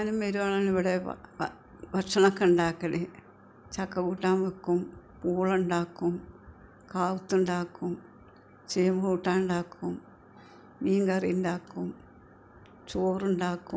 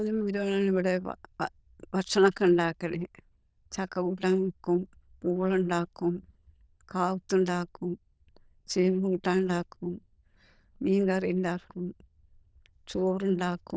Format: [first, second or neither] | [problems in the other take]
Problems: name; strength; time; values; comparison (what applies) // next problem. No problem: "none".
first | noise reduction (neural diffusion model UNIVERSE++)